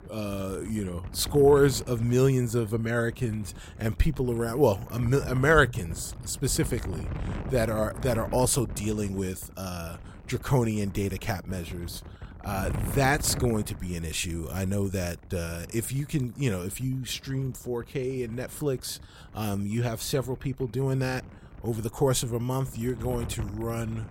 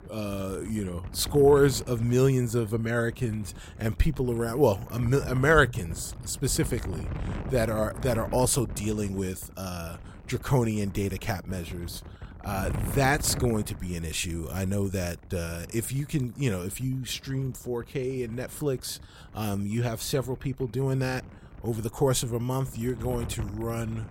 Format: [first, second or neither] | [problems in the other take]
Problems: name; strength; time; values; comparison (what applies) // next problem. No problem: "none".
neither | wind noise on the microphone; occasional gusts; 20 dB below the speech; the same in both